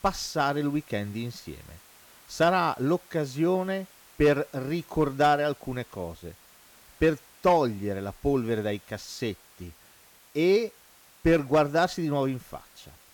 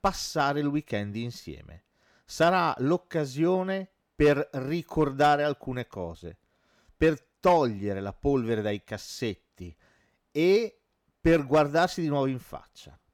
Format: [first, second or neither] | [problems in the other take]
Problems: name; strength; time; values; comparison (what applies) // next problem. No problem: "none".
second | hiss; faint; throughout; 25 dB below the speech